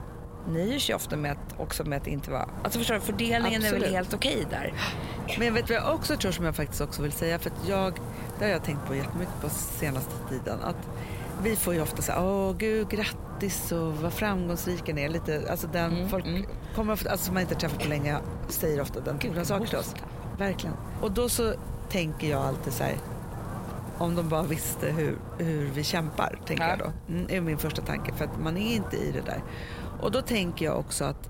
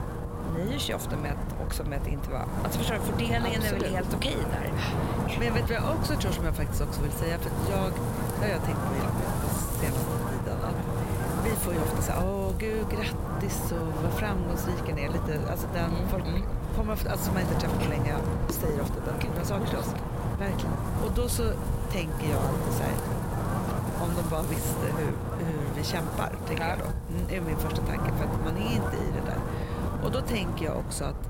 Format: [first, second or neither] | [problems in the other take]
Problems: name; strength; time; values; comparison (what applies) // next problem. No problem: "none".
first | wind noise on the microphone; heavy; as loud as the speech; occasional gusts in the first